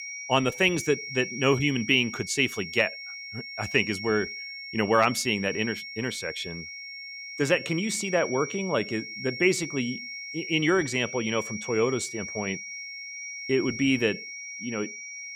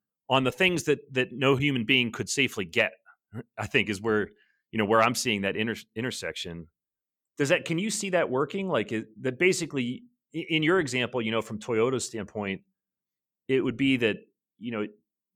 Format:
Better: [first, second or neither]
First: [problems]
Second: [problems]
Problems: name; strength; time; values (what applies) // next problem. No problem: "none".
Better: second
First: high-pitched whine; loud; throughout; 2 kHz, 9 dB below the speech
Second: none